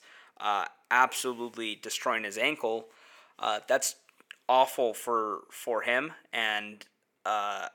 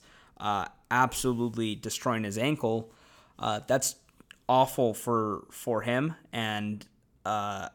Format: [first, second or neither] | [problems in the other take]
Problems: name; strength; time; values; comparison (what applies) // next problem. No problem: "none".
second | thin; somewhat; fading below 450 Hz